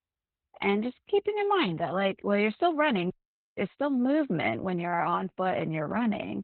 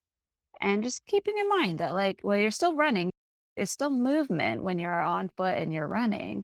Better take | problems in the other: second | garbled, watery; badly; nothing above 4 kHz; slightly in the second

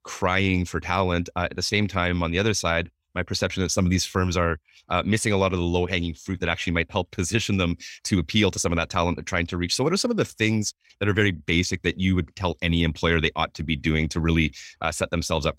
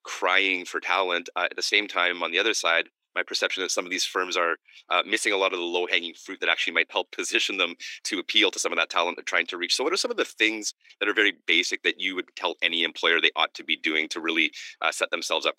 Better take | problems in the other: first | thin; very; fading below 300 Hz

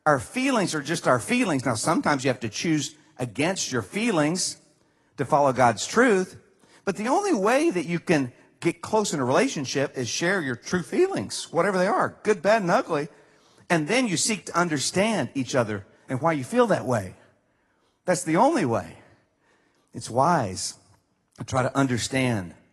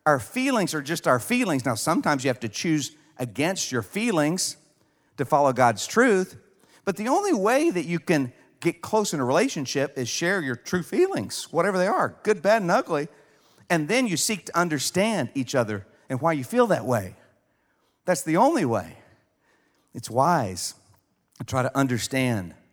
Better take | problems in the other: second | garbled, watery; slightly; nothing above 11 kHz

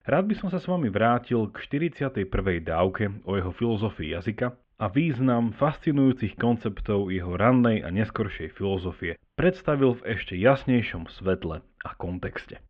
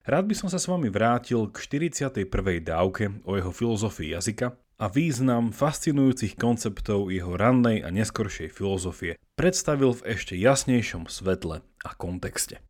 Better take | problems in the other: second | muffled; very; fading above 3 kHz

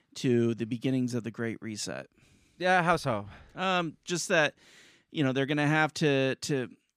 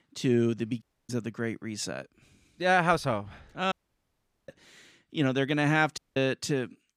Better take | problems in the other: first | audio cutting out; at 1 s, at 3.5 s for 1 s and at 6 s

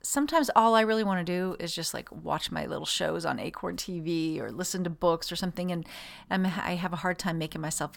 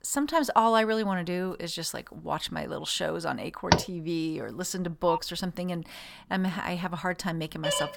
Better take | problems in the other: first | door banging; loud; at 3.5 s; peak 4 dB above the speech // phone ringing; noticeable; at 5 s; peak 5 dB below the speech // phone ringing; very faint; at 7.5 s; peak 1 dB below the speech

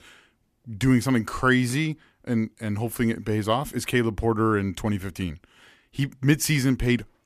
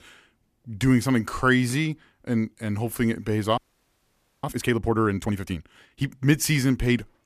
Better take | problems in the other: first | audio freezing; at 3.5 s for 1 s

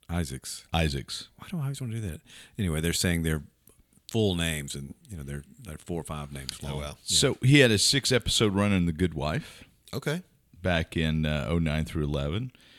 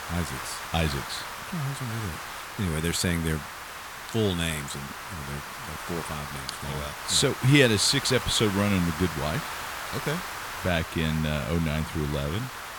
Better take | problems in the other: first | hiss; loud; throughout; 8 dB below the speech

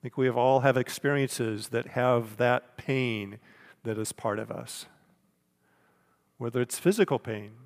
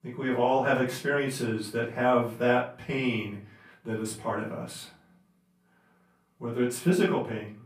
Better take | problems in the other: first | off-mic speech; far // room echo; slight; dies away in 0.3 s

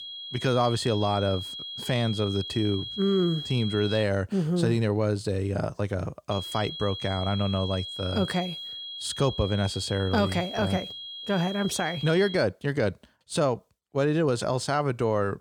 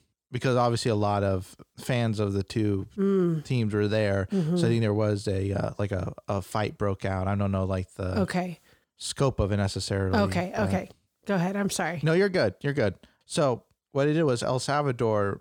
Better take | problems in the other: second | high-pitched whine; loud; until 4 s and from 6.5 to 12 s; 3.5 kHz, 8 dB below the speech

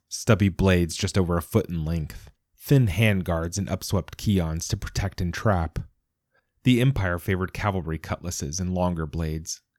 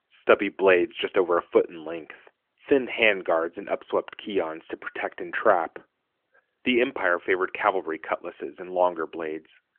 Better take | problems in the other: first | phone-call audio; nothing above 3 kHz

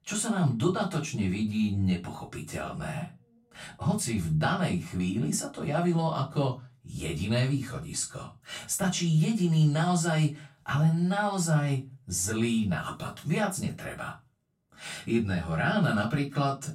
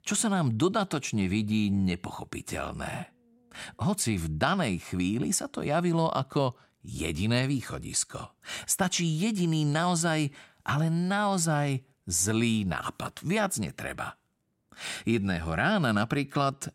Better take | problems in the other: second | off-mic speech; far // room echo; very slight; dies away in 0.2 s

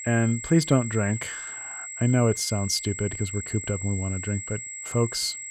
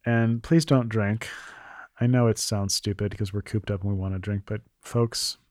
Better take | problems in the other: second | high-pitched whine; loud; throughout; 7.5 kHz, 8 dB below the speech

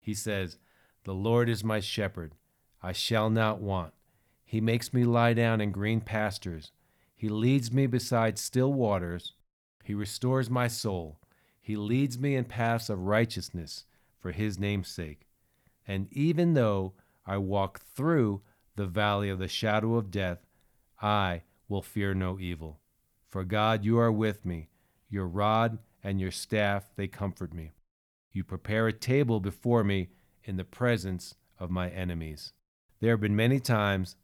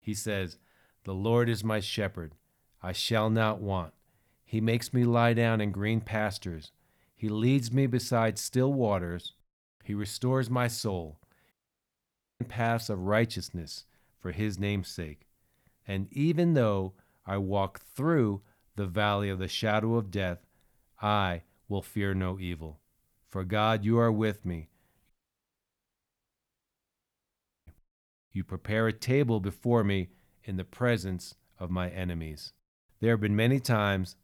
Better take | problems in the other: first | audio cutting out; at 12 s for 1 s and at 25 s for 2.5 s

